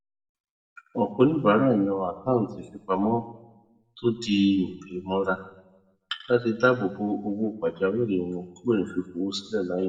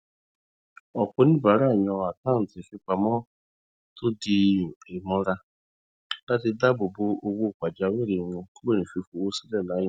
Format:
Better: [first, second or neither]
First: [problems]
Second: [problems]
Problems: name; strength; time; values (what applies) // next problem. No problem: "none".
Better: second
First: room echo; dies away in 0.7 s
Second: none